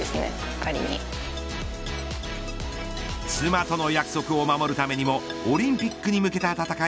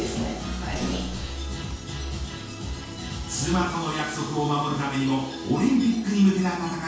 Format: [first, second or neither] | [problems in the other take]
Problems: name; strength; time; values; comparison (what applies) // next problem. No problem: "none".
first | background sound (Gunshot, gunfire); 19 dB below the speech // room echo; dies away in 0.6 s